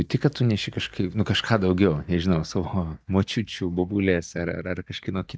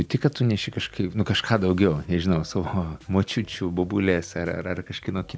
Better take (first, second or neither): second